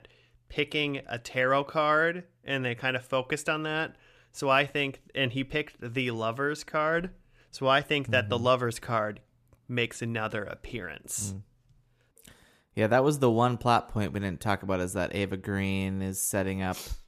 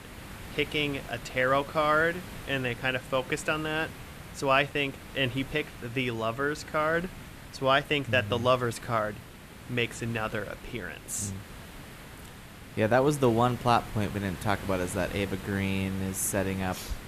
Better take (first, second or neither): first